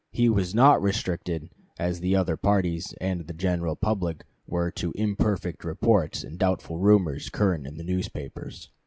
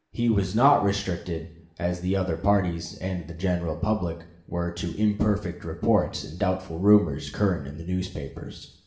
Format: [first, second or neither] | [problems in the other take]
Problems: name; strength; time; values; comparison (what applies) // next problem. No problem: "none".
first | room echo; dies away in 0.7 s